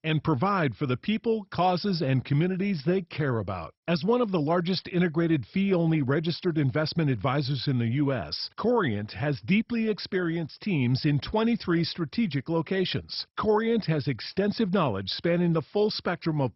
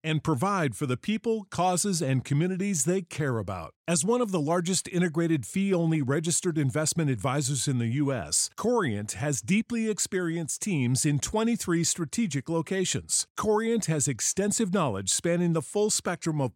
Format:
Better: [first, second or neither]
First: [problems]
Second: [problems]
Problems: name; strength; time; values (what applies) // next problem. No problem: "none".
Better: second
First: garbled, watery; badly; nothing above 5.5 kHz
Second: none